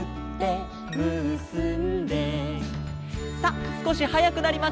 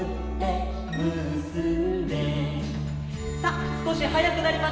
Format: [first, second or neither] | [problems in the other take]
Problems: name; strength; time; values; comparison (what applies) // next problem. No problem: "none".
first | room echo; dies away in 1.4 s